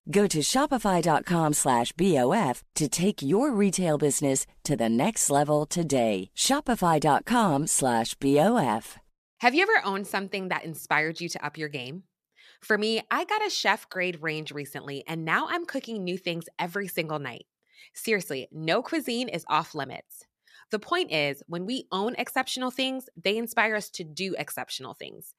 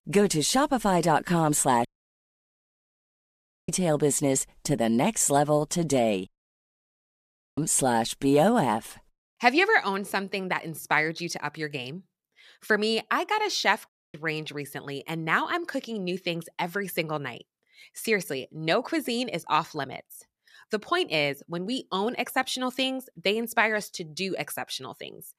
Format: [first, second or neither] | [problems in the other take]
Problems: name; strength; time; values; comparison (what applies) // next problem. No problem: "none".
first | audio cutting out; at 2 s for 2 s, at 6.5 s for 1.5 s and at 14 s